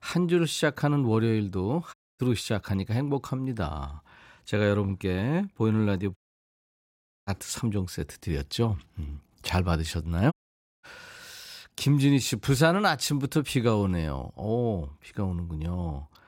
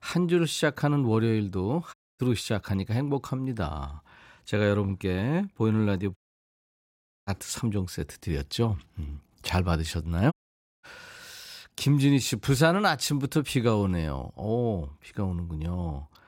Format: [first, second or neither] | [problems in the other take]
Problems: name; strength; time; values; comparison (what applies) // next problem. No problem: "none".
neither | audio cutting out; at 2 s, at 6 s for 1 s and at 10 s for 0.5 s; the same in both